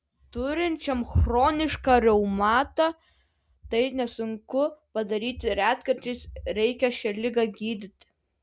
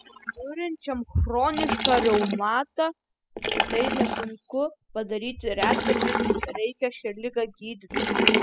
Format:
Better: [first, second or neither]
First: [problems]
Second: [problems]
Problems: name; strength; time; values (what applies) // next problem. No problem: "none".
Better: first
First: none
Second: noise reduction (classical method spectral subtraction)